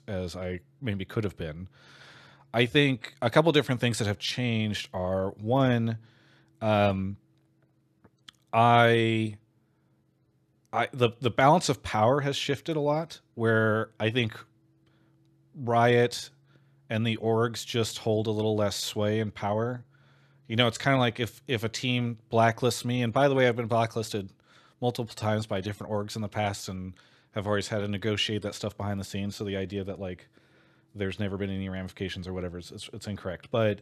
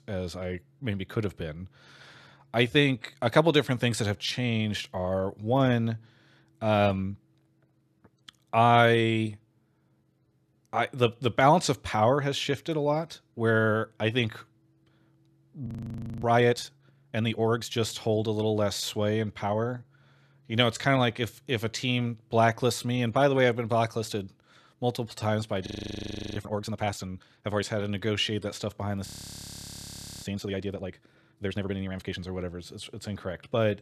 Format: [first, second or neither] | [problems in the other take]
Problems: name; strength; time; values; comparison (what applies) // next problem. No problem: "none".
first | audio freezing; at 16 s for 0.5 s, at 26 s for 0.5 s and at 29 s for 1 s